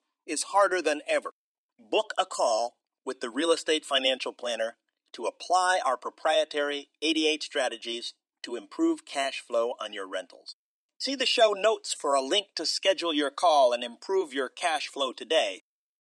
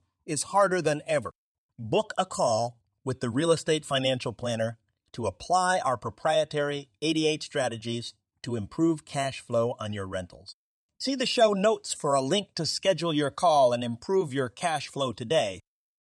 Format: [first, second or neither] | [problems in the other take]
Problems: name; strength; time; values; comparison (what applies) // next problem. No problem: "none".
second | thin; somewhat; fading below 300 Hz